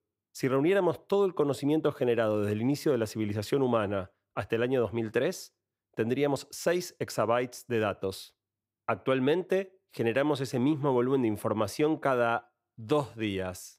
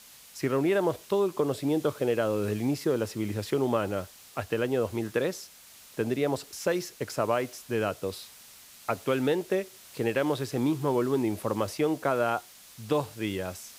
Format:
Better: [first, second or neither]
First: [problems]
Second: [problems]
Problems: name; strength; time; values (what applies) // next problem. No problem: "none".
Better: first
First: none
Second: hiss; noticeable; throughout; 20 dB below the speech